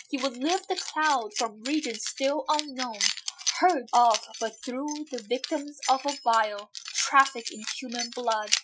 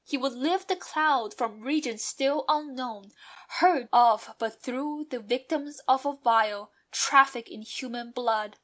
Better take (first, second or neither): second